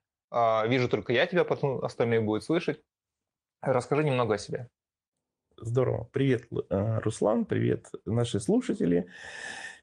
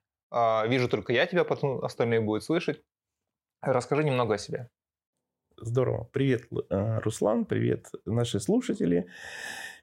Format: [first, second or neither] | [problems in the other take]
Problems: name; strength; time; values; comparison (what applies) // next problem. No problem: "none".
second | garbled, watery; slightly; nothing above 10 kHz